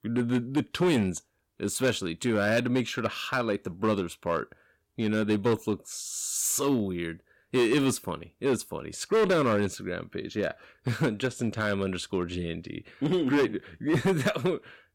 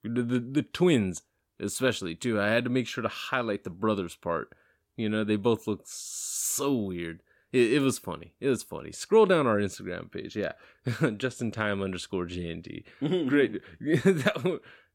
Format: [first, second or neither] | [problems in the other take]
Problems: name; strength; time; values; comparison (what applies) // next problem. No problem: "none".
second | distortion; slight; 6% of the sound clipped